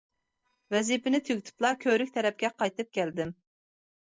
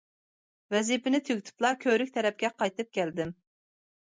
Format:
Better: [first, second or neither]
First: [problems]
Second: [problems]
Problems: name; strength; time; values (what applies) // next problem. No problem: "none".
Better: second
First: noise reduction (neural separator model SepFormer DNS4)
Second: none